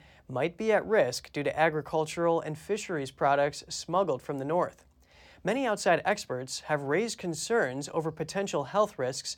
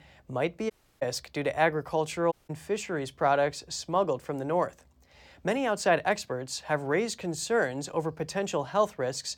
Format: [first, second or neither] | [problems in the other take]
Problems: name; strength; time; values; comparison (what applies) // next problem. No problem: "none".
first | audio cutting out; at 0.5 s and at 2.5 s